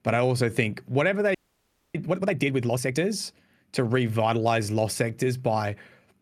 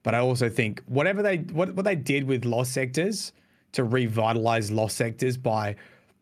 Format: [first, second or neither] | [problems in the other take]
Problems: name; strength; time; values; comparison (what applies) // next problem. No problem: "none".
second | audio freezing; at 1.5 s for 0.5 s